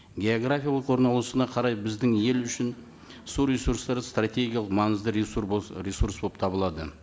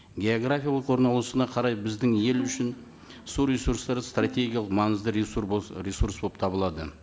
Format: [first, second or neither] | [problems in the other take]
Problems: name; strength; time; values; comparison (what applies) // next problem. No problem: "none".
first | background sound (Bowed string instrument); 15 dB below the speech